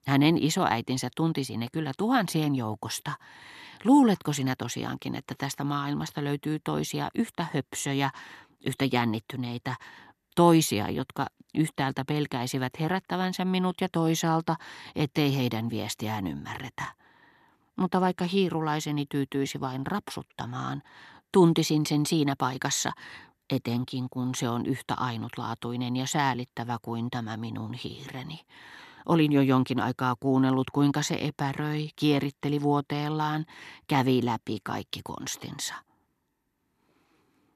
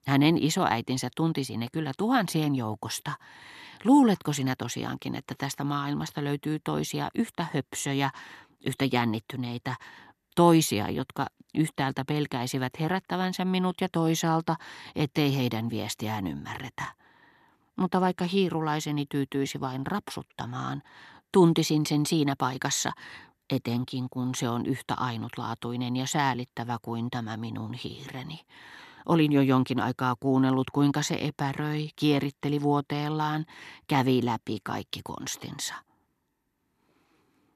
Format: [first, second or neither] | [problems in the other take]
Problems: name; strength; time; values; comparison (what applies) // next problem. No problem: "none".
neither | none